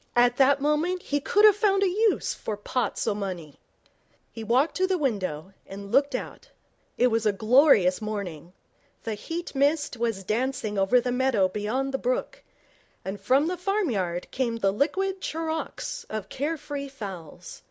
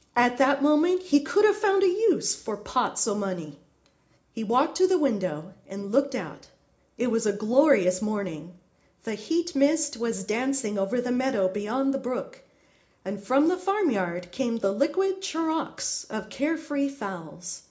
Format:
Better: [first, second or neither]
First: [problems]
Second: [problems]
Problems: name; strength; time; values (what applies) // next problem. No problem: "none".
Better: first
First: none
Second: room echo; dies away in 0.4 s